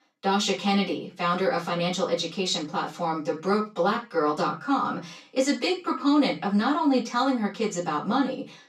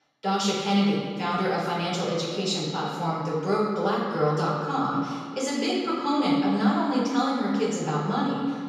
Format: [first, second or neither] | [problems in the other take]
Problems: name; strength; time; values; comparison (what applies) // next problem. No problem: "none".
first | room echo; strong; dies away in 1.7 s; slight in the first // off-mic speech; far; far in the first